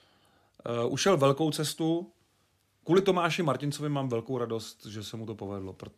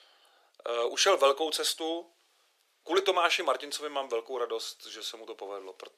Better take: first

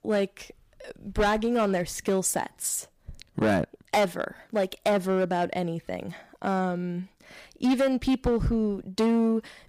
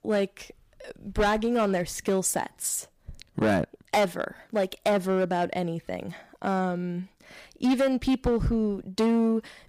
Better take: neither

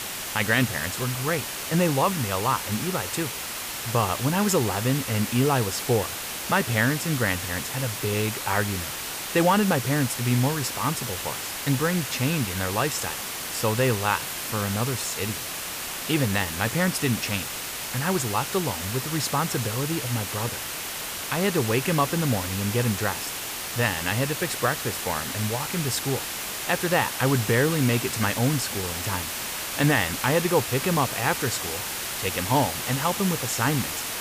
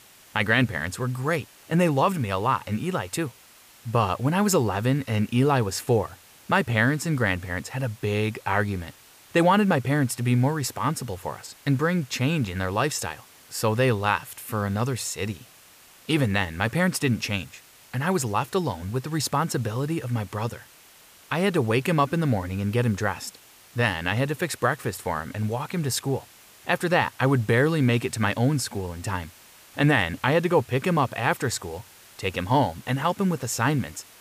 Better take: second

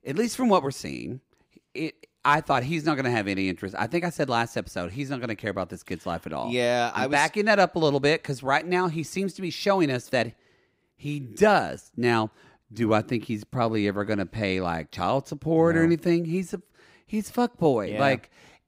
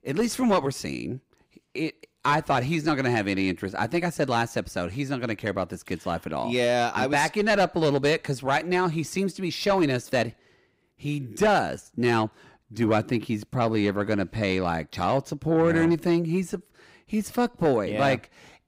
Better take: first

